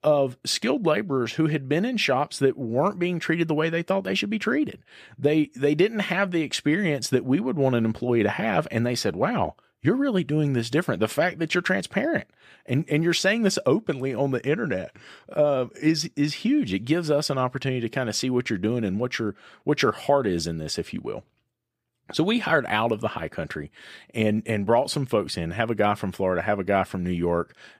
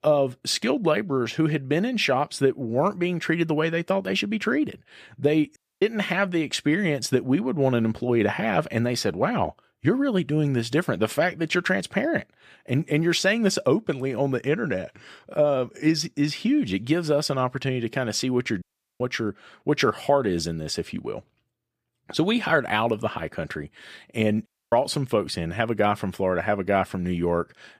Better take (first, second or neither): first